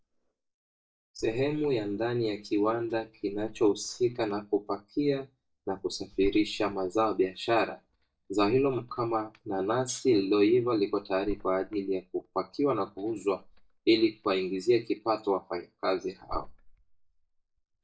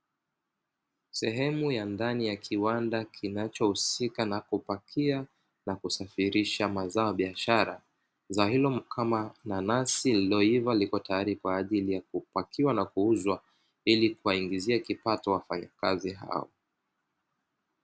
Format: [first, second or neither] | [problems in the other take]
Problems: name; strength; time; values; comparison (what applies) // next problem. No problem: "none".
second | noise reduction (neural mask model DeepFilterNet 3)